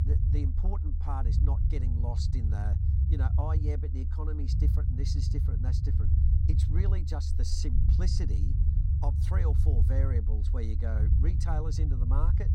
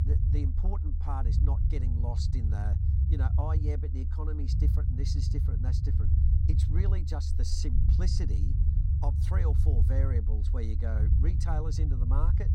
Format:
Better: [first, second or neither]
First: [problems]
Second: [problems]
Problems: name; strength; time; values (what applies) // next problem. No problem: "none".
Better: neither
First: low rumble; loud; throughout; 2 dB below the speech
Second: low rumble; loud; throughout; 2 dB below the speech